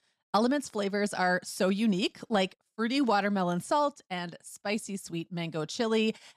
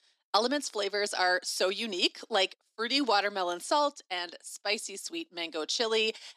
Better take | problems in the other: first | thin; somewhat; fading below 300 Hz

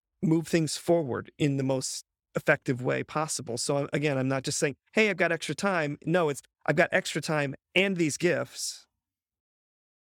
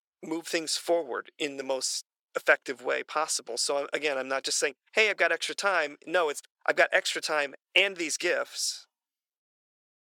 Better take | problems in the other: first | thin; very; fading below 450 Hz

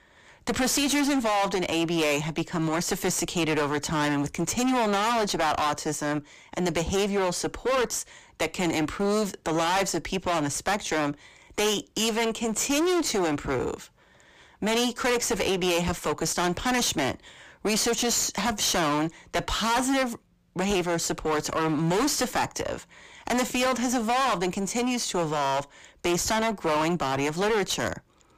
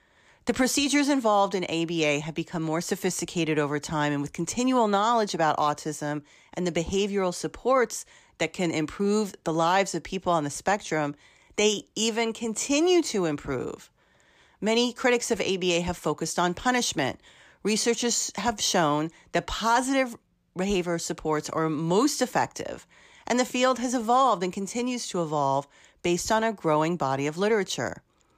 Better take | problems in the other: second | distortion; heavy; 24% of the sound clipped

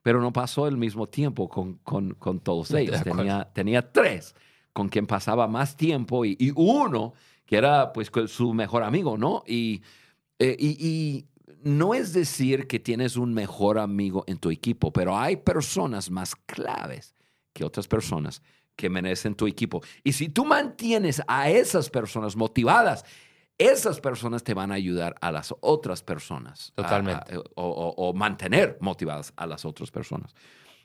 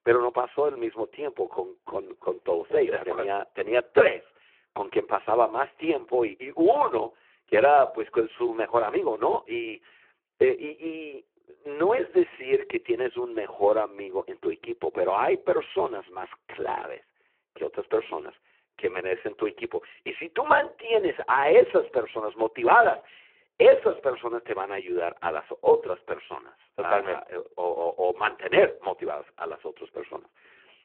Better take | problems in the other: first | phone-call audio; poor line

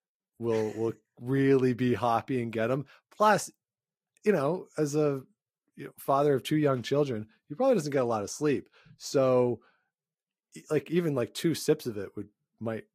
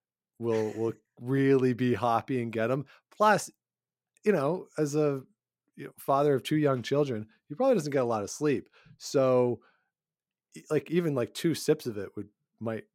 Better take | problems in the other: second | garbled, watery; slightly; nothing above 15 kHz

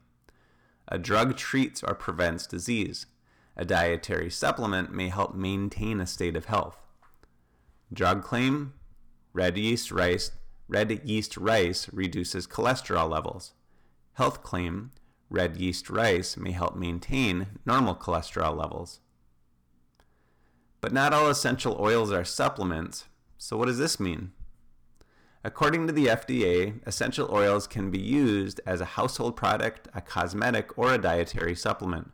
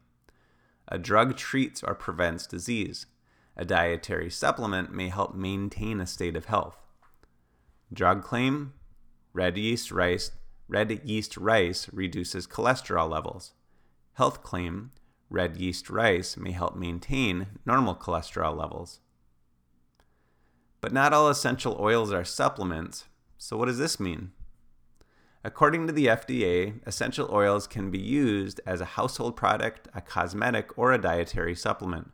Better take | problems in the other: second | distortion; slight; 3% of the sound clipped

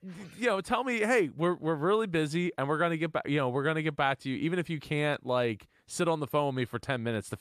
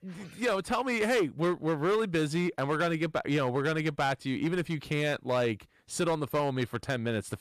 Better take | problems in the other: first | distortion; slight; 8% of the sound clipped

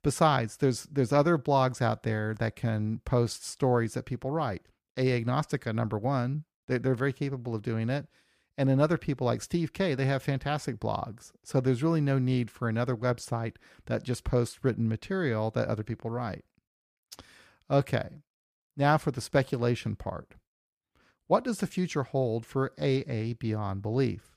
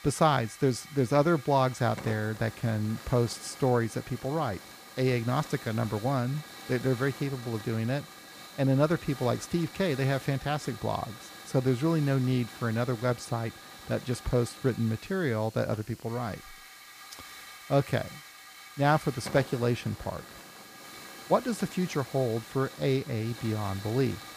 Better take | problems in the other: first | hiss; noticeable; throughout; 15 dB below the speech

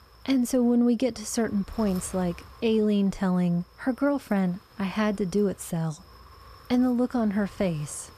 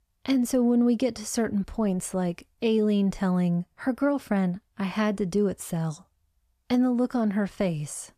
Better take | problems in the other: second | wind noise on the microphone; occasional gusts; 20 dB below the speech

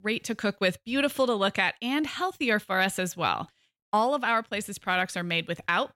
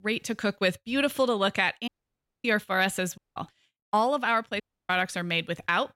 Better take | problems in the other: first | audio cutting out; at 2 s for 0.5 s, at 3 s and at 4.5 s

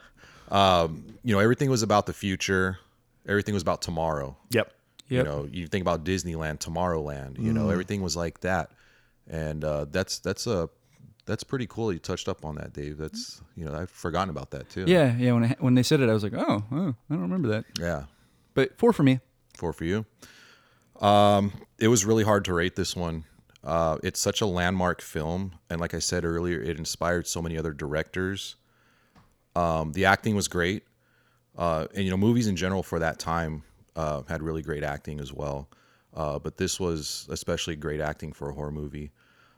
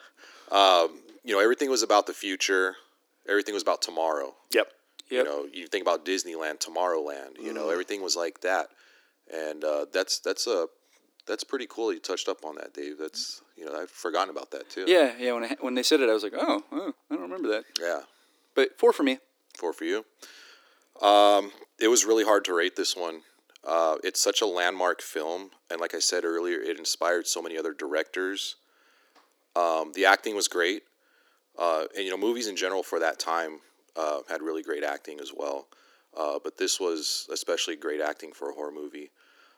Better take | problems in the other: first | thin; somewhat; fading below 300 Hz

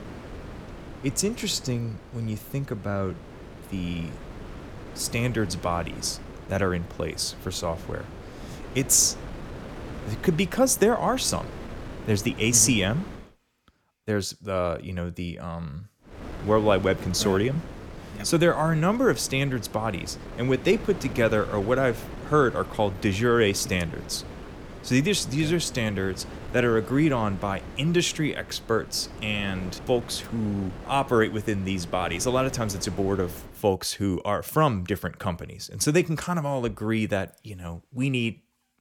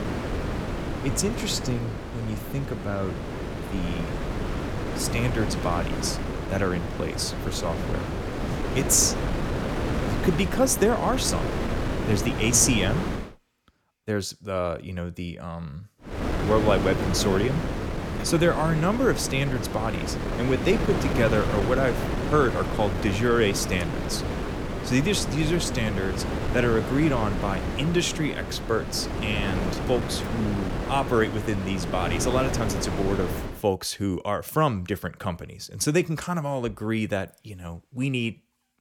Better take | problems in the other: first | wind noise on the microphone; heavy; until 13 s and from 16 to 34 s; 5 dB below the speech; occasional gusts in the first

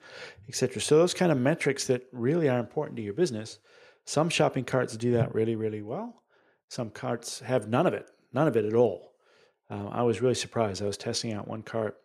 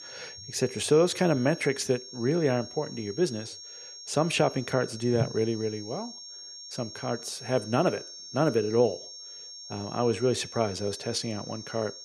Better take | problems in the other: first | high-pitched whine; noticeable; throughout; 5.5 kHz, 15 dB below the speech

